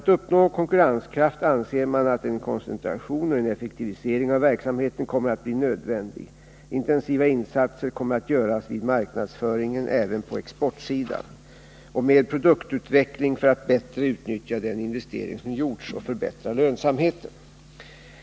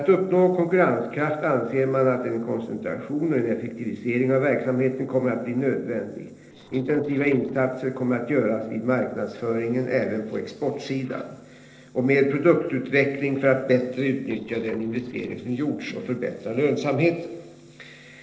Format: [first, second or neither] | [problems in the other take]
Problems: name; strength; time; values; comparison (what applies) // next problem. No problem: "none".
first | noise reduction (neural separator model SepFormer DNS4)